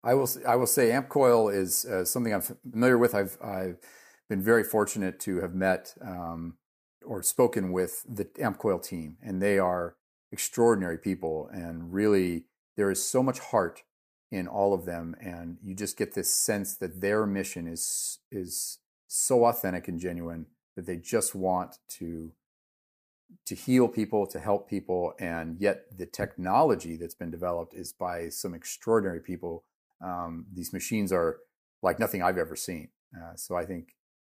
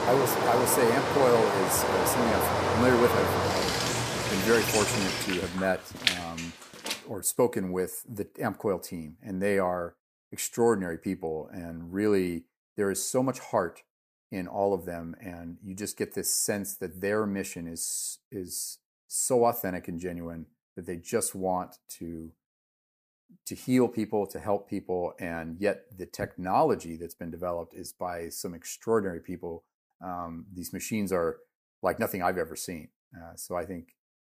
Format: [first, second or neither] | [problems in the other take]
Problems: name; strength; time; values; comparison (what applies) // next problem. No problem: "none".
first | rain or running water; very loud; until 7 s; 2 dB above the speech